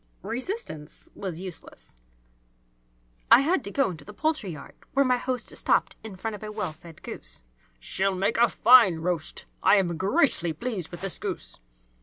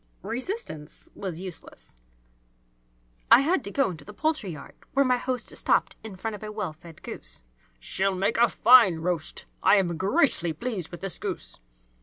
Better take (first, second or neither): second